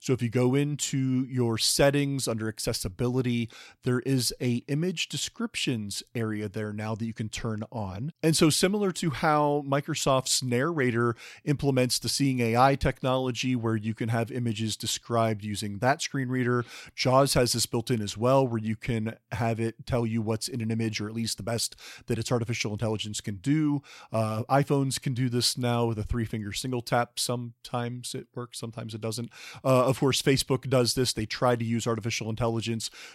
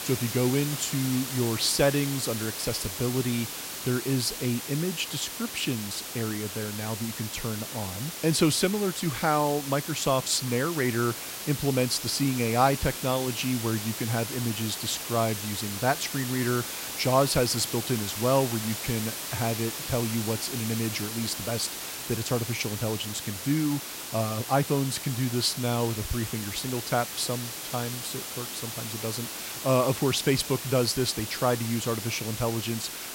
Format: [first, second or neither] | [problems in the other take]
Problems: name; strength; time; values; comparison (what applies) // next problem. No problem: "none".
first | hiss; loud; throughout; 5 dB below the speech